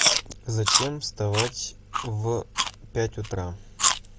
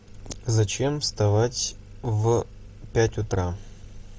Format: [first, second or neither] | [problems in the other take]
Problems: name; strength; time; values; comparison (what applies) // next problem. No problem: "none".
second | background sound (Chewing, mastication); 2 dB above the speech